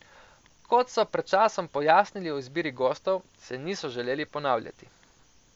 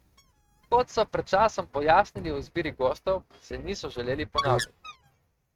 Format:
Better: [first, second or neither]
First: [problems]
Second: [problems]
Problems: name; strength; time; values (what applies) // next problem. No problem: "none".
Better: first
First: none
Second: noise reduction (neural mask model RNNoise)